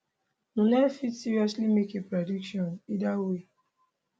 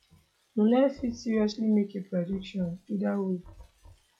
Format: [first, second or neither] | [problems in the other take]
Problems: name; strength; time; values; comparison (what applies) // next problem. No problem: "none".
first | noise reduction (classical method log-MMSE)